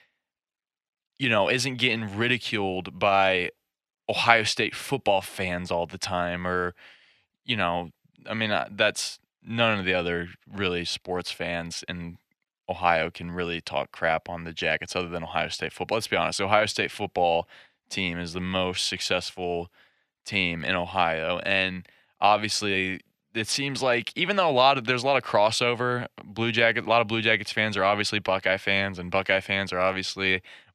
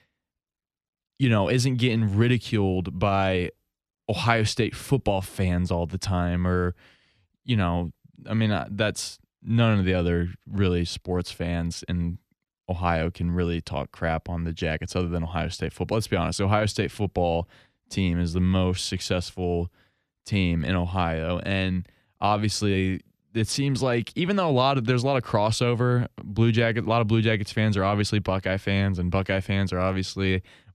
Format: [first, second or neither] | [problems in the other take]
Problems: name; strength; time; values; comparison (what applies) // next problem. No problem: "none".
second | thin; somewhat; fading below 400 Hz